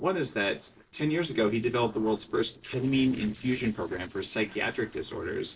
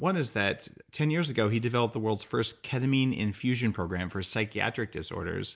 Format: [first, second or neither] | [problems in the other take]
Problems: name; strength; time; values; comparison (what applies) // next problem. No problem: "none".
second | noise reduction (neural separator model SepFormer DNS4)